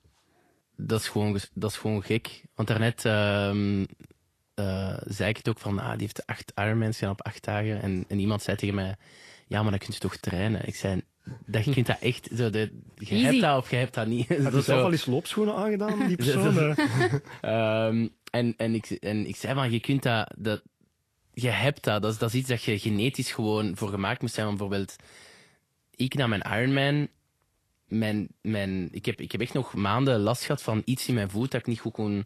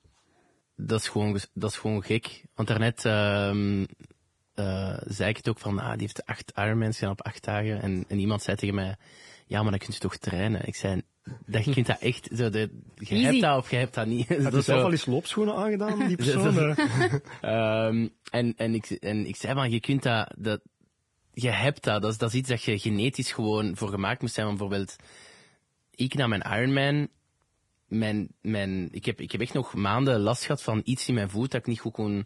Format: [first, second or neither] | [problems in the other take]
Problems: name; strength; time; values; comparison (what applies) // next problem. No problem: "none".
first | garbled, watery; badly; nothing above 10.5 kHz; slightly in the first